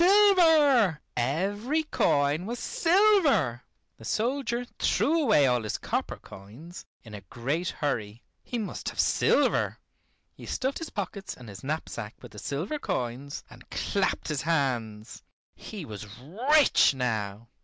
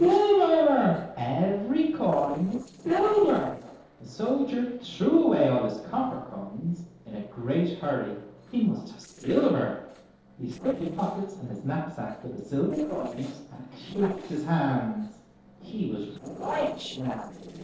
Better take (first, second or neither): first